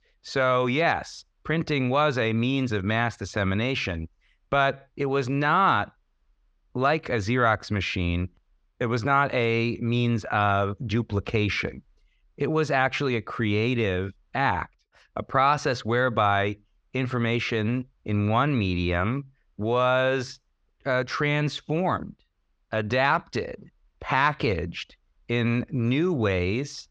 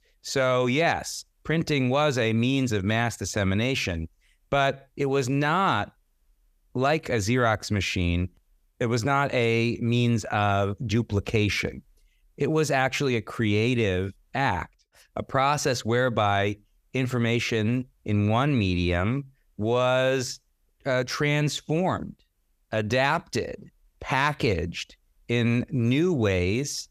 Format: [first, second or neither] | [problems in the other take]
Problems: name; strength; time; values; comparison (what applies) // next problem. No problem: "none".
second | muffled; very slightly; fading above 5 kHz